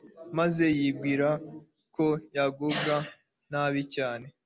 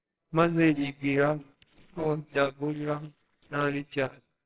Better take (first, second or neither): first